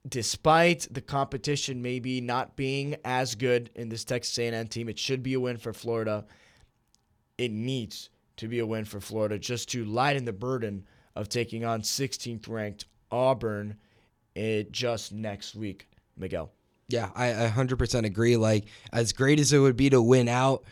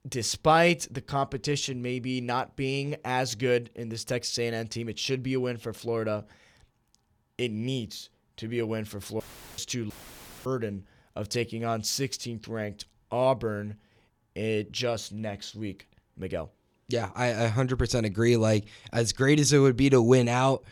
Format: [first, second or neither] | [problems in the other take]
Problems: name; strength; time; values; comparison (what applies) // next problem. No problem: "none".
first | audio cutting out; filled with static; at 9 s and at 10 s for 0.5 s